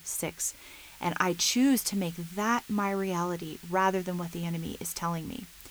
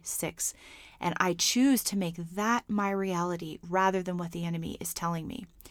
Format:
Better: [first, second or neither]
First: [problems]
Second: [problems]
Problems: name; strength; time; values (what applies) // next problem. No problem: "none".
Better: second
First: hiss; noticeable; throughout; 20 dB below the speech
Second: none